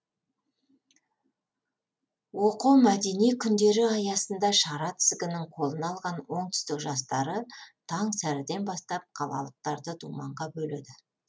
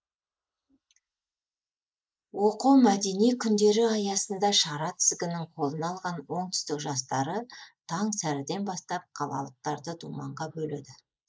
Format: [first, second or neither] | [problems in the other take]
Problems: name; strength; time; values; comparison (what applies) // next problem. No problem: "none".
first | noise reduction (neural mask model Resemble Enhance denoiser)